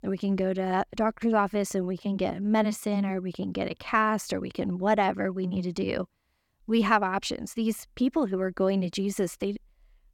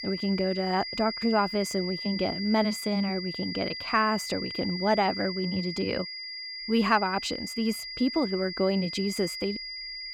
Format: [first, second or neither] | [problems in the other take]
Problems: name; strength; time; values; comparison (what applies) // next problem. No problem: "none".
first | high-pitched whine; loud; throughout; 5 kHz, 6 dB below the speech